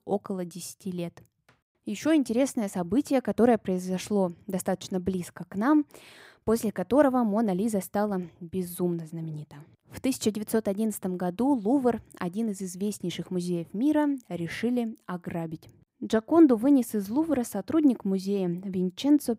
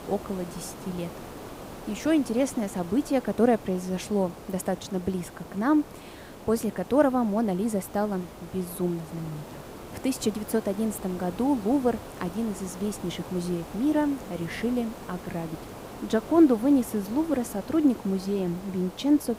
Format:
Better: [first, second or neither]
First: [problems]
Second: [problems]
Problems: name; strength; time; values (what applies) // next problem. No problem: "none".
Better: first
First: none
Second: hiss; noticeable; throughout; 15 dB below the speech